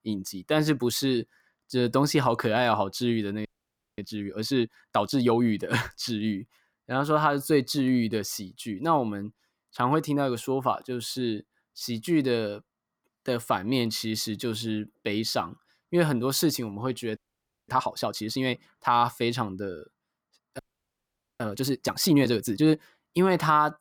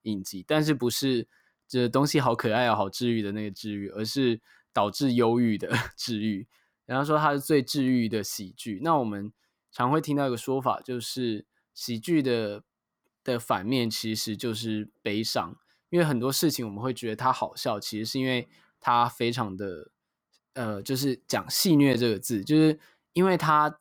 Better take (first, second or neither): second